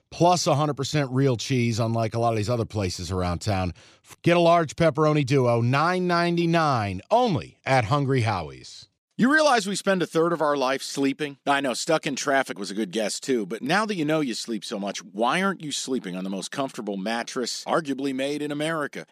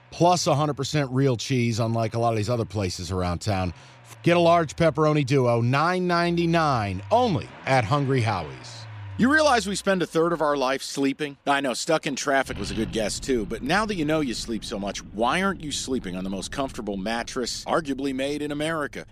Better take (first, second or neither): first